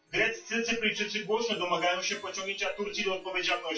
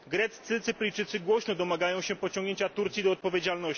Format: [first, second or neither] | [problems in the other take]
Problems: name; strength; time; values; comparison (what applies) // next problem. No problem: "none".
second | noise reduction (classical method WPE with log-MMSE)